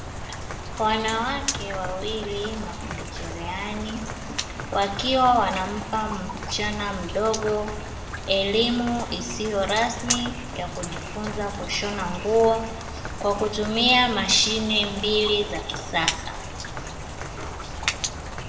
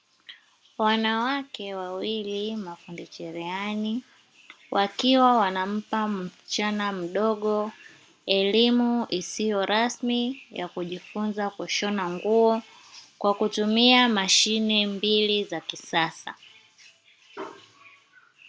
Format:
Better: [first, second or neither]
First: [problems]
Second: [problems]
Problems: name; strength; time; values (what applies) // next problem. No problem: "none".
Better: second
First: background sound (Rain); 6 dB below the speech // room echo; dies away in 1.2 s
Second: none